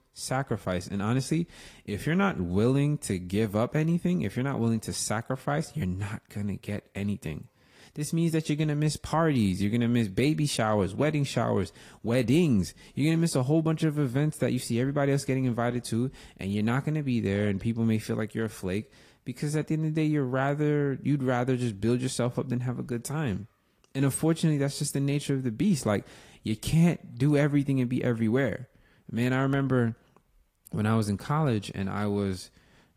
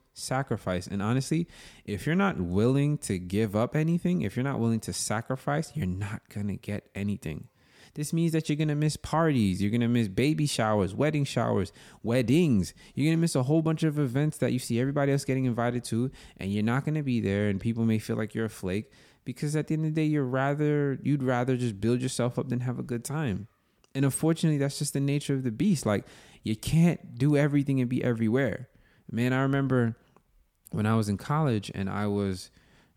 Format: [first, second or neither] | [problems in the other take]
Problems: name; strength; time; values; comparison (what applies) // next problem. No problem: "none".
second | garbled, watery; slightly; nothing above 14.5 kHz